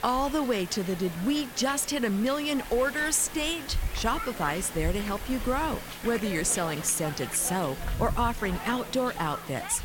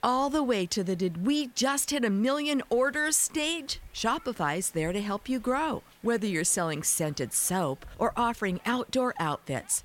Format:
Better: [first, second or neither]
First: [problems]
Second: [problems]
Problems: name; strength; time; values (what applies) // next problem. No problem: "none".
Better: second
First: hiss; loud; throughout; 9 dB below the speech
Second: hiss; faint; throughout; 25 dB below the speech